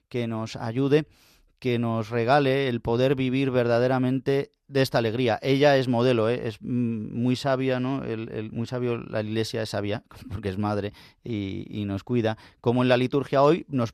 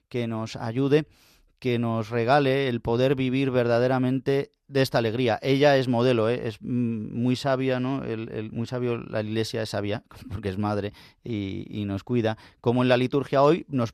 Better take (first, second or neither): neither